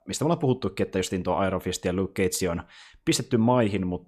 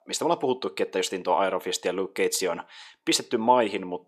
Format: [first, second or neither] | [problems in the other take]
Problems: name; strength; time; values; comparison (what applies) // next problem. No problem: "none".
first | thin; somewhat; fading below 400 Hz